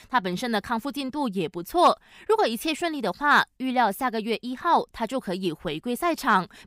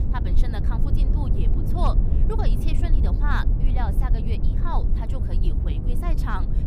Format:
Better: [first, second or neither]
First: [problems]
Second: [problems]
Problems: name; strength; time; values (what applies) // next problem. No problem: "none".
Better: first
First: none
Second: low rumble; loud; throughout; 5 dB below the speech